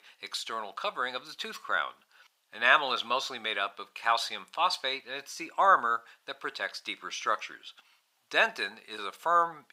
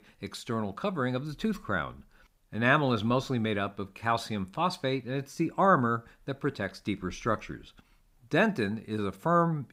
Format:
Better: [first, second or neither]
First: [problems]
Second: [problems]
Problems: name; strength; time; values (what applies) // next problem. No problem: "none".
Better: second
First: thin; very; fading below 850 Hz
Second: none